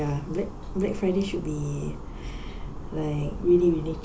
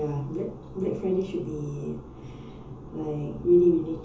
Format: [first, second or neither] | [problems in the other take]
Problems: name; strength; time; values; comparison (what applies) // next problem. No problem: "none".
first | room echo; dies away in 0.7 s